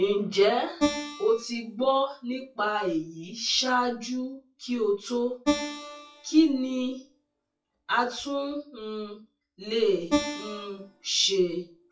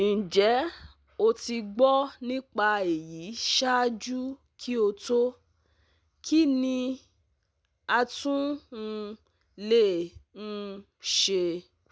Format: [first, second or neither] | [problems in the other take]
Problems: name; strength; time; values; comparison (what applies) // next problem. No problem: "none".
second | noise reduction (classical method WPE with log-MMSE)